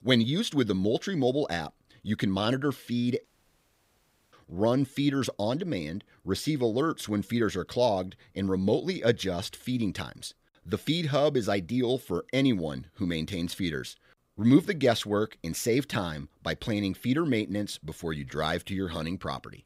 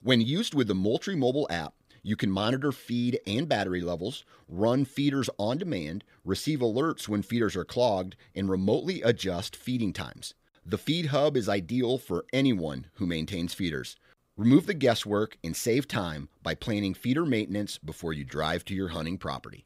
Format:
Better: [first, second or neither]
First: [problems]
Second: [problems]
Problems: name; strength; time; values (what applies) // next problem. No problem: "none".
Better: second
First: audio cutting out; at 3.5 s for 1 s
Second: none